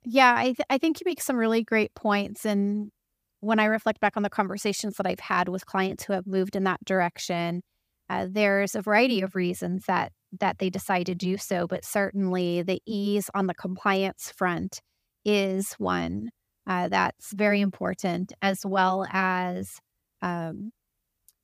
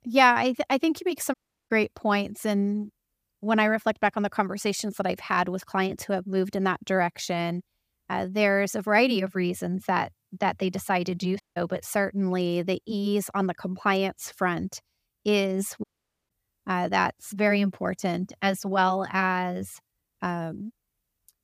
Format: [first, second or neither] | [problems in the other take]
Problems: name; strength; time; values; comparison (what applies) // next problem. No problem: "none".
first | audio cutting out; at 1.5 s, at 11 s and at 16 s